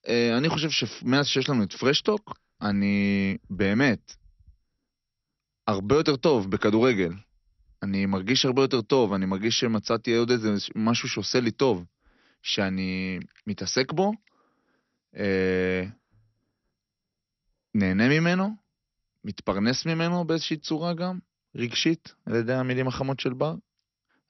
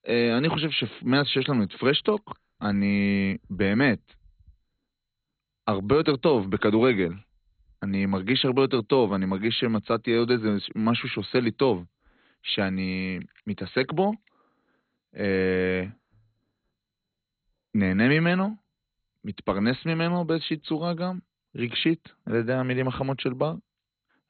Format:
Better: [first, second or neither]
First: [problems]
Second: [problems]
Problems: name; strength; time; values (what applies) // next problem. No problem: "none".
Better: first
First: garbled, watery; slightly; nothing above 6 kHz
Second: garbled, watery; badly; nothing above 4 kHz